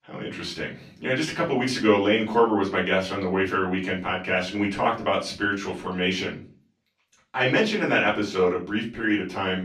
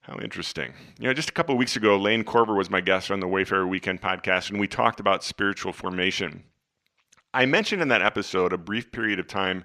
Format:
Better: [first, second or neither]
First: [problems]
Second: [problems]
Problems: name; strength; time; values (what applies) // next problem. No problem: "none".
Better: second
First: room echo; slight; dies away in 0.3 s // off-mic speech; far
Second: none